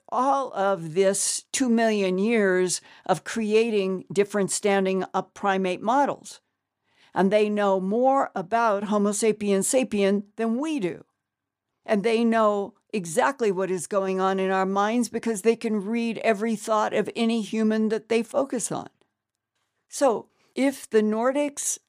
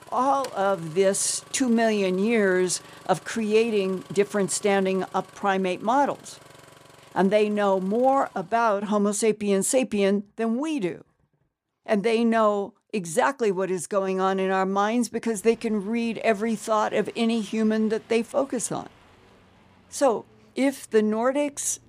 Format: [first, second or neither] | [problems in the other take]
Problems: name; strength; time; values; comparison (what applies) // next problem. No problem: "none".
first | traffic noise; faint; throughout; 25 dB below the speech